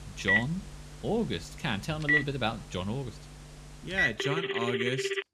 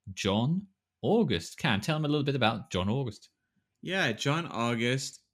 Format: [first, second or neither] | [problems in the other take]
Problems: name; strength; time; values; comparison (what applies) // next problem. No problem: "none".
second | alarms or sirens; very loud; throughout; 5 dB above the speech